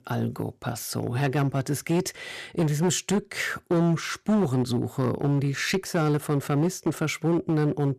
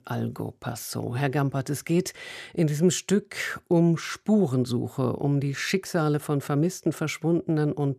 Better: second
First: distortion; slight; 9% of the sound clipped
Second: none

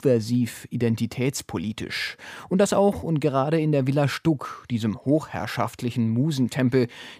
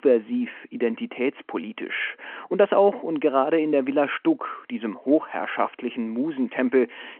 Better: first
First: none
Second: phone-call audio

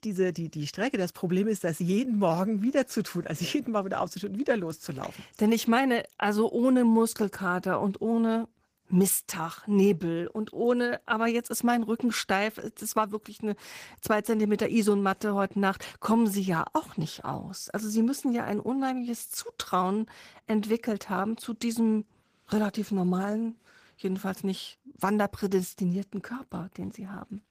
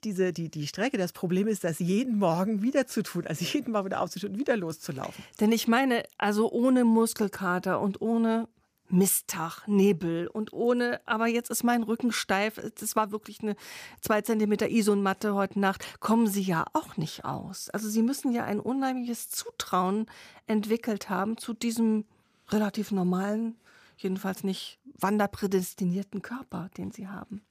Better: second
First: garbled, watery; slightly; nothing above 15 kHz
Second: none

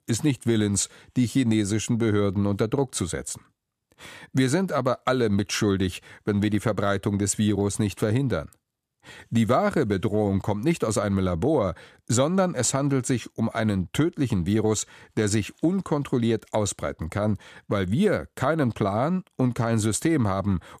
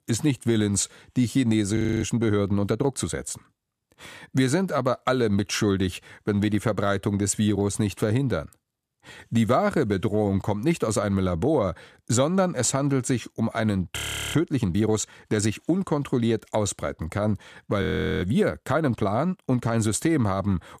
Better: first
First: none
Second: audio freezing; at 2 s, at 14 s and at 18 s

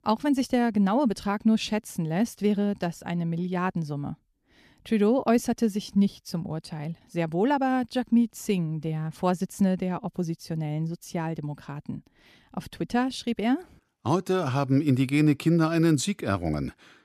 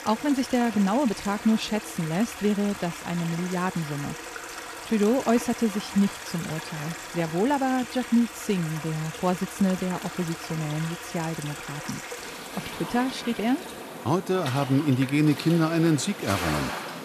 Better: first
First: none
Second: rain or running water; loud; throughout; 9 dB below the speech

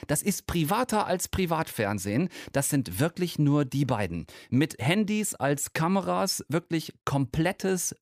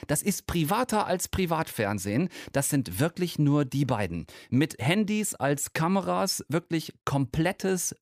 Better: neither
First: none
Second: none

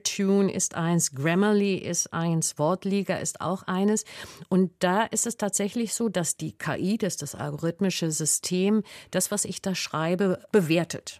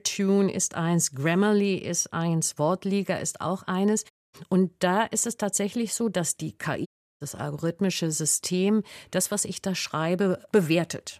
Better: first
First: none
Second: audio cutting out; at 4 s and at 7 s

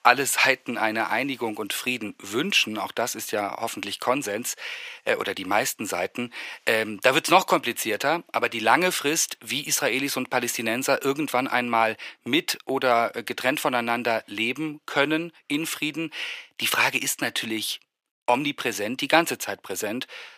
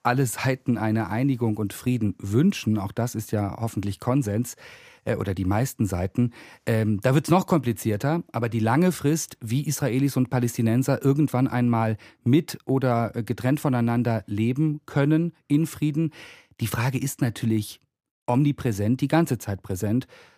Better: second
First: thin; very; fading below 550 Hz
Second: none

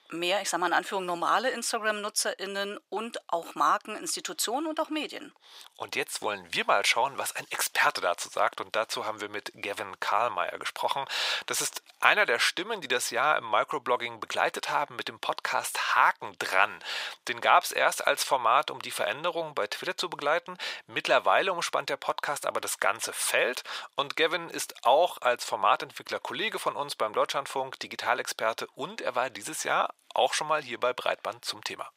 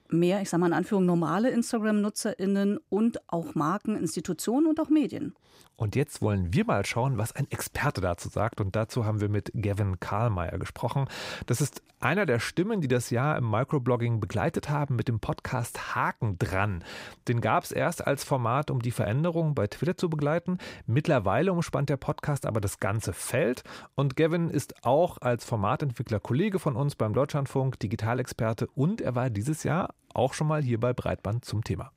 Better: second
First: thin; very; fading below 850 Hz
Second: none

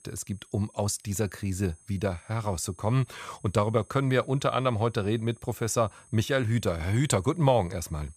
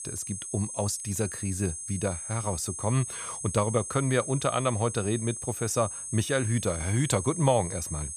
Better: first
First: high-pitched whine; faint; throughout; 8 kHz, 25 dB below the speech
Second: high-pitched whine; loud; throughout; 8 kHz, 6 dB below the speech

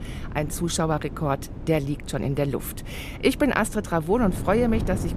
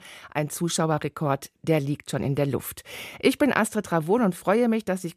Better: second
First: wind noise on the microphone; occasional gusts; 15 dB below the speech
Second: none

